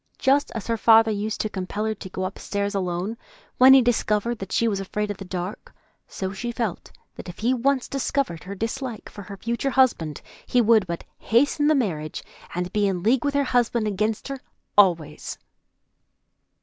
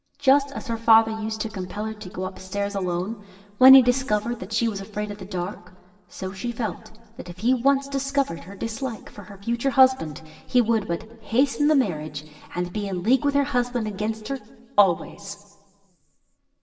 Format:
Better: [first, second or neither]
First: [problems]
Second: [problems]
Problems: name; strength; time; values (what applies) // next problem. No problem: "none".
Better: first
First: none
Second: room echo; dies away in 1.3 s